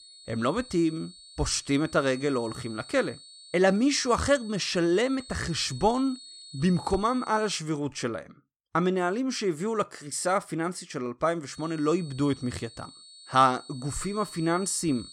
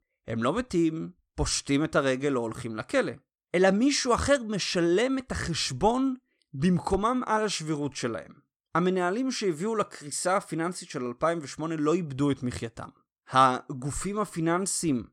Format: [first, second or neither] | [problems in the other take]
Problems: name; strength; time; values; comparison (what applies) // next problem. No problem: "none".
second | high-pitched whine; noticeable; until 7.5 s and from 12 s on; 4.5 kHz, 20 dB below the speech